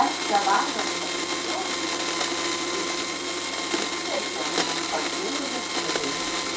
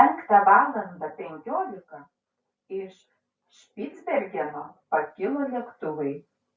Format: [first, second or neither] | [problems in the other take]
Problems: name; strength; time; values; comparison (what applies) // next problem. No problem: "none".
second | background sound (Domestic sounds, home sounds); 5 dB above the speech